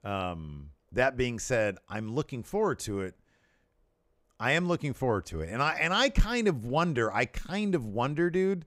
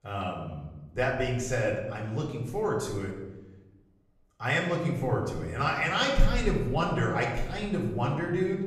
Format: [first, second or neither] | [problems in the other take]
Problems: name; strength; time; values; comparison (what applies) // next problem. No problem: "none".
first | off-mic speech; far // room echo; noticeable; dies away in 0.9 s